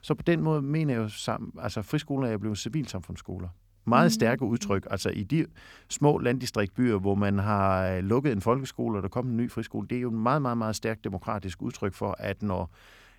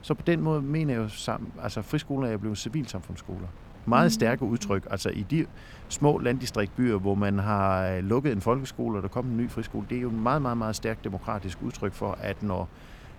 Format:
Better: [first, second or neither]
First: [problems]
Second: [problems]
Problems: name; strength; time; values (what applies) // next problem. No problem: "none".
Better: first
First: none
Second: wind noise on the microphone; occasional gusts; 25 dB below the speech